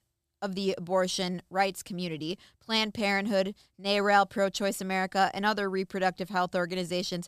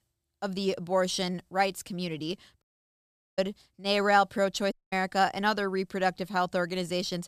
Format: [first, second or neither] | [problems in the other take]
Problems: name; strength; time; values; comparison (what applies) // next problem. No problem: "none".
first | audio cutting out; at 2.5 s for 1 s and at 4.5 s